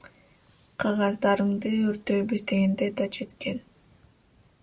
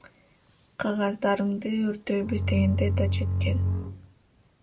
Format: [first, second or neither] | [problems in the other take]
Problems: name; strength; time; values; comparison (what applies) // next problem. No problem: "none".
first | background sound (Bowed string instrument); 3 dB above the speech